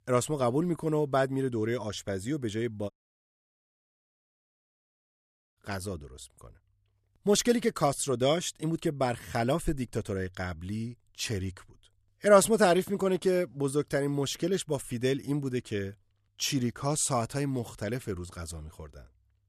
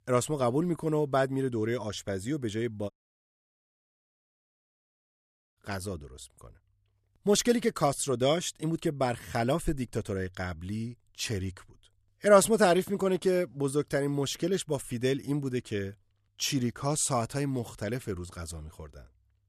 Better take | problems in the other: neither | audio cutting out; at 3 s for 2.5 s; the same in both

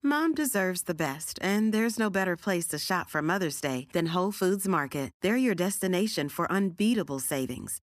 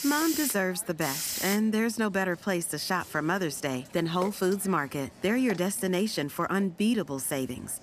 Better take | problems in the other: first | hiss; loud; throughout; 7 dB below the speech

